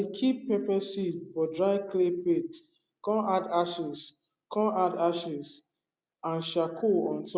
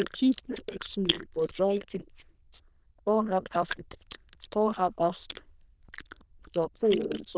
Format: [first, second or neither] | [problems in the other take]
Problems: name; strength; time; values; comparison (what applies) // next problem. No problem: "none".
first | noise reduction (neural diffusion model UNIVERSE++)